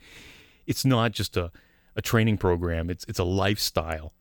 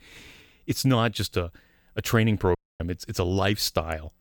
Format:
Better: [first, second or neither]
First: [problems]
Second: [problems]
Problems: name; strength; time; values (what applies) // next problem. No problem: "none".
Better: first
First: none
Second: audio cutting out; at 2.5 s